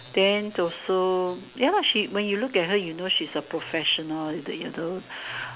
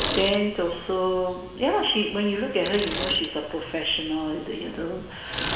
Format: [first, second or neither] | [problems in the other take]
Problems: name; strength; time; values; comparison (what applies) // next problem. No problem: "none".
first | background sound (Bicycle); 9 dB below the speech // room echo; dies away in 1.3 s